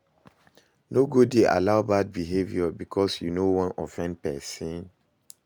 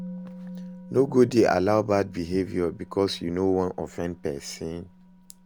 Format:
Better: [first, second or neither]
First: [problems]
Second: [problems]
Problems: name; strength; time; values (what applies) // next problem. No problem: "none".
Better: first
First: none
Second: background sound (Musical instrument); 17 dB below the speech